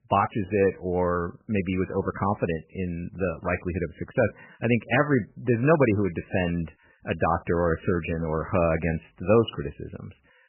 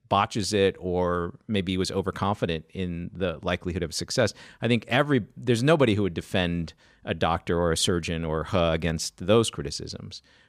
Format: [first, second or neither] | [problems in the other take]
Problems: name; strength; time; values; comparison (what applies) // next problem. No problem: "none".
second | garbled, watery; badly; nothing above 3 kHz